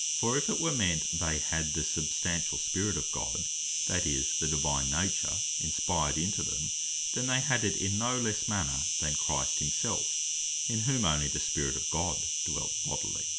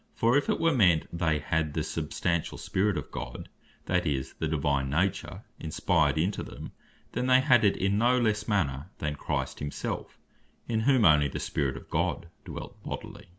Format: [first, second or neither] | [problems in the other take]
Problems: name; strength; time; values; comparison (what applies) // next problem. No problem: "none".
second | background sound (Insect); 3 dB above the speech